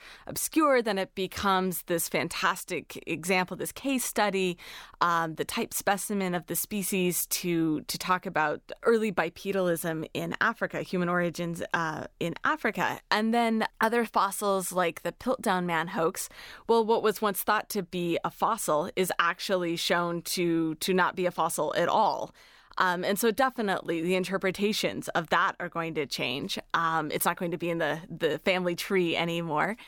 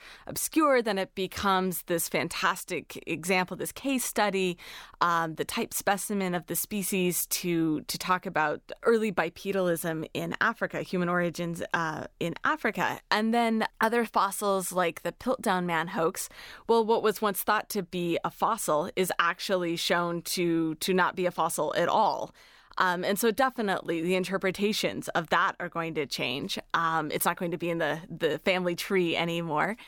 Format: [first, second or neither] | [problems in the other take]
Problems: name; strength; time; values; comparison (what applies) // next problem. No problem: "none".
neither | none